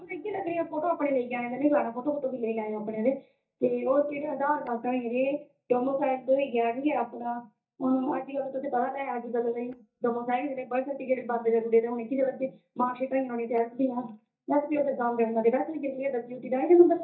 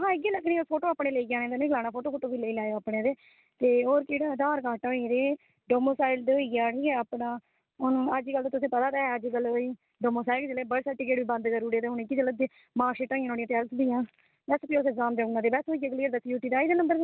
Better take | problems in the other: second | noise reduction (neural mask model DeepFilterNet 3)

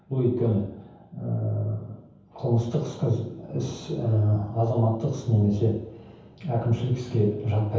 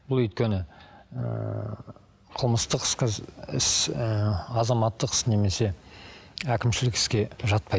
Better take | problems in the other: second | room echo; dies away in 0.9 s

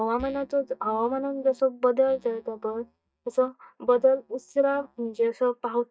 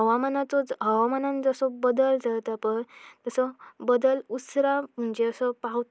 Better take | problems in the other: second | noise reduction (neural mask model DeepFilterNet 3)

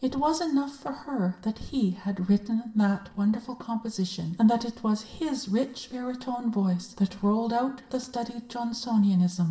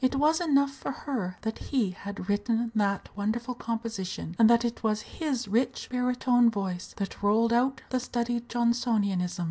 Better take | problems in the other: second | room echo; dies away in 1.6 s

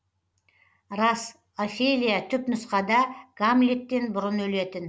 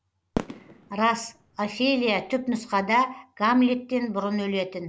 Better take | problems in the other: first | background sound (Fireworks); 13 dB below the speech

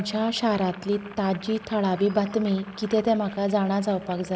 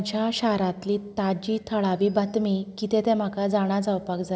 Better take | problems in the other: second | background sound (Boiling); 20 dB below the speech

